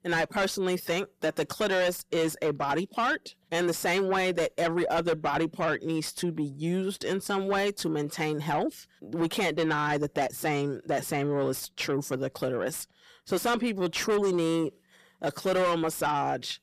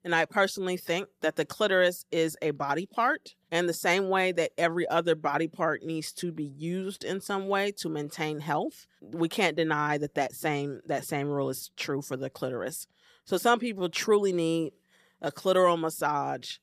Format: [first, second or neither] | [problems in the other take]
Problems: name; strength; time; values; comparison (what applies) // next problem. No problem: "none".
second | distortion; heavy; 8 dB below the speech